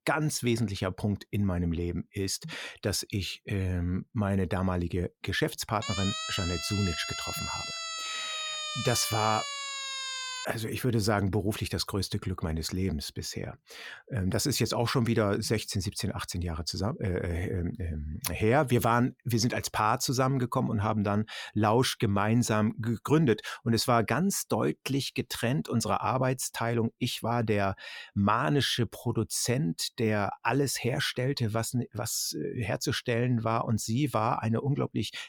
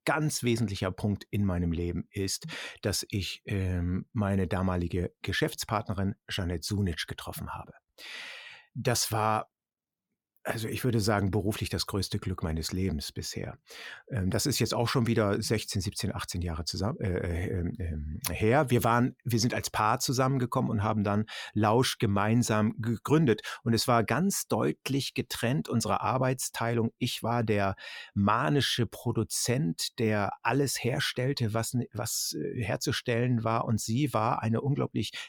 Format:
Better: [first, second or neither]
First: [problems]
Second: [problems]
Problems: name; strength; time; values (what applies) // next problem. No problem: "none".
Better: second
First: siren; noticeable; from 6 to 10 s; peak 3 dB below the speech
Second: none